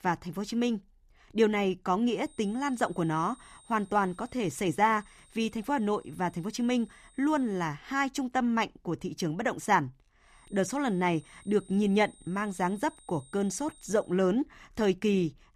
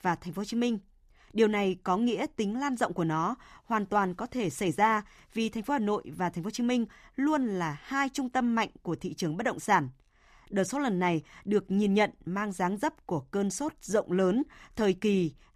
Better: second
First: high-pitched whine; faint; from 2 to 7.5 s and from 10 to 14 s; 8.5 kHz, 25 dB below the speech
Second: none

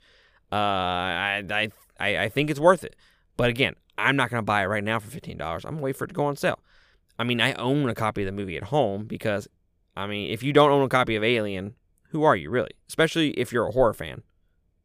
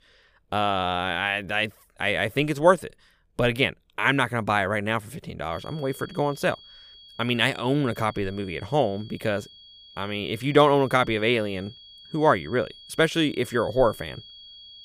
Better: first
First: none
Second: high-pitched whine; faint; from 5.5 s on; 3.5 kHz, 20 dB below the speech

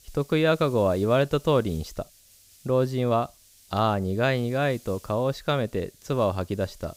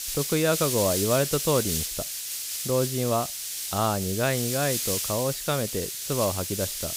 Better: first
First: hiss; faint; throughout; 25 dB below the speech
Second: hiss; loud; throughout; 2 dB below the speech

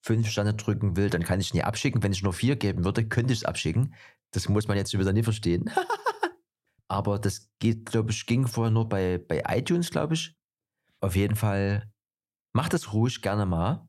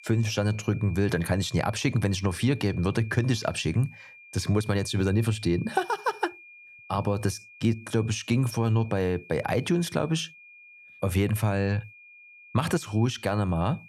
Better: first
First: none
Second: high-pitched whine; faint; throughout; 2.5 kHz, 20 dB below the speech

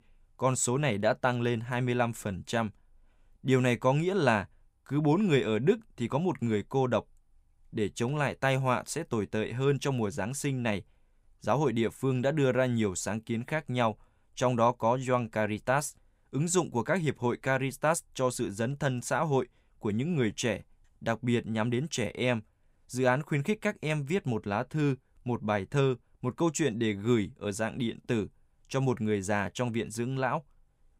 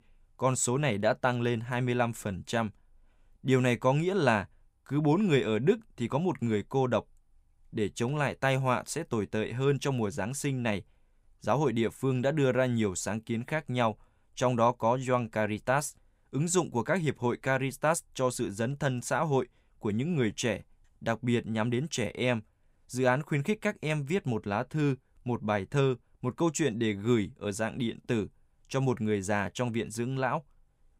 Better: neither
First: none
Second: none

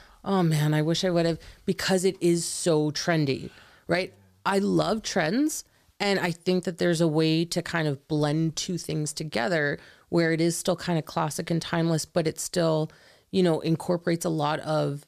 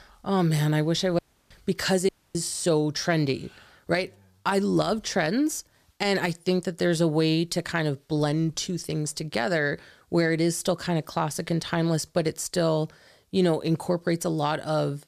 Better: first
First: none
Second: audio cutting out; at 1 s and at 2 s

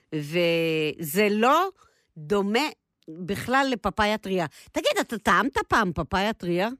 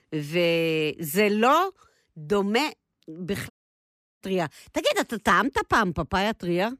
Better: first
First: none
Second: audio cutting out; at 3.5 s for 0.5 s

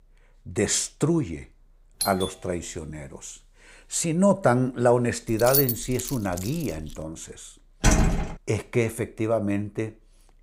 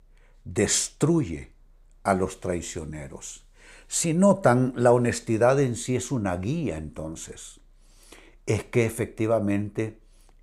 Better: second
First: doorbell; noticeable; at 2 s; peak 4 dB below the speech // jangling keys; loud; from 5.5 to 7 s; peak 3 dB above the speech // door banging; loud; at 8 s; peak 4 dB above the speech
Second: none

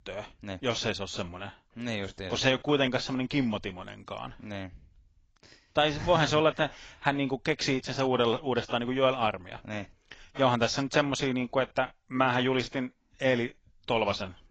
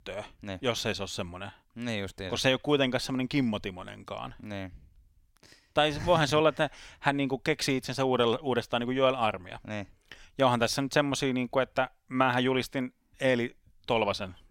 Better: second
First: garbled, watery; badly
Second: none

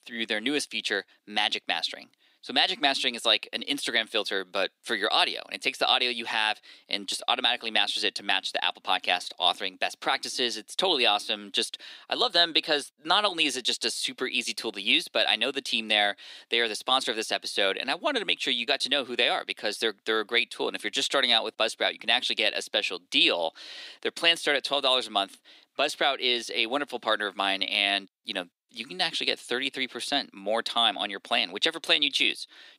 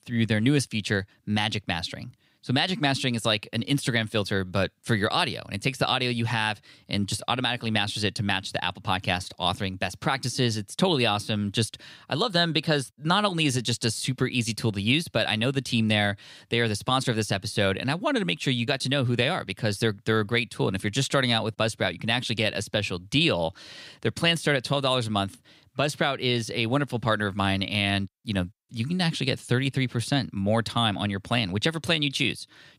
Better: second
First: thin; somewhat; fading below 300 Hz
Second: none

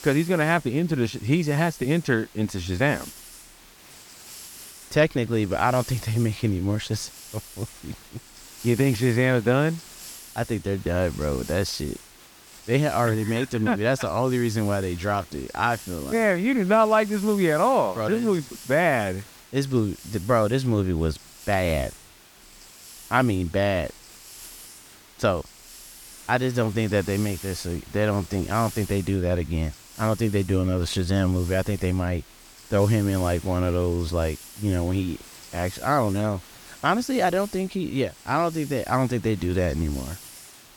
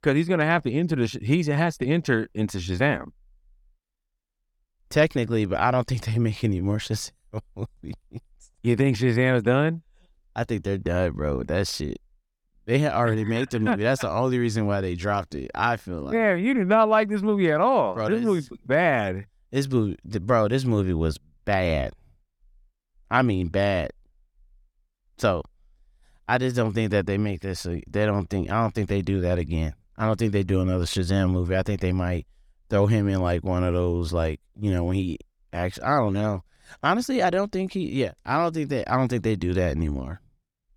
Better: second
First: hiss; noticeable; throughout; 20 dB below the speech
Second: none

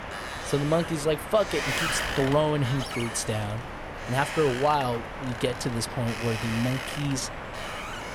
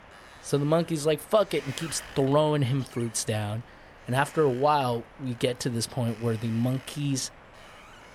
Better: second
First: wind noise on the microphone; heavy; 3 dB below the speech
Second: wind noise on the microphone; occasional gusts; 20 dB below the speech

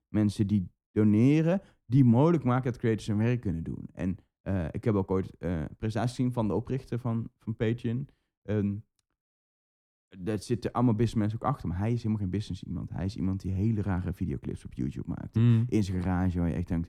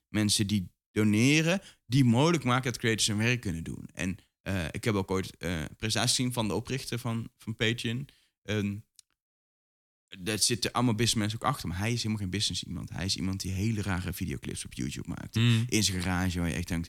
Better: second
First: muffled; very; fading above 1.5 kHz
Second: none

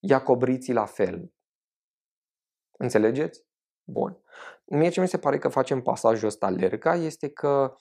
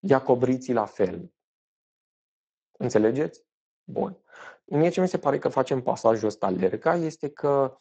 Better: first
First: none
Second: garbled, watery; badly; nothing above 7.5 kHz

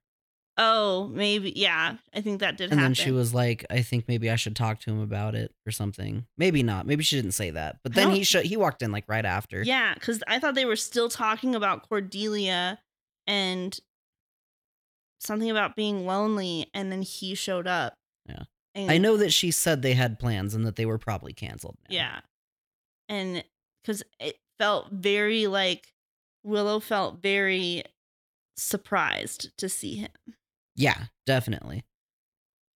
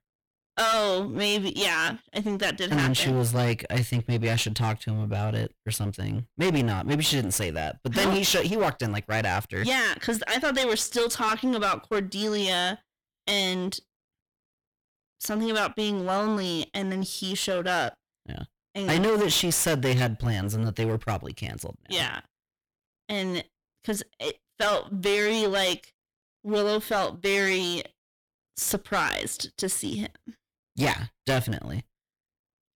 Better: first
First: none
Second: distortion; heavy; 13% of the sound clipped

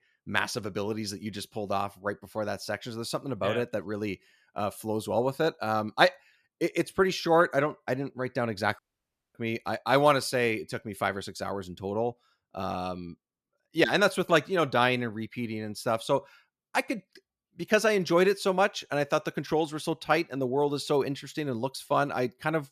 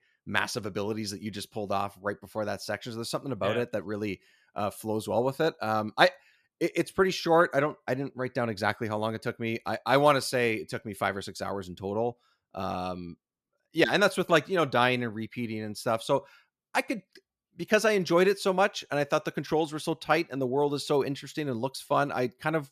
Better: second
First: audio cutting out; at 9 s for 0.5 s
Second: none

